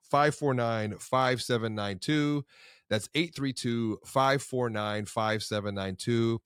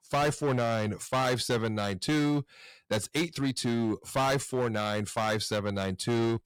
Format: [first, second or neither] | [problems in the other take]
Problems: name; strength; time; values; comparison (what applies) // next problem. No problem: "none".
first | distortion; heavy; 13% of the sound clipped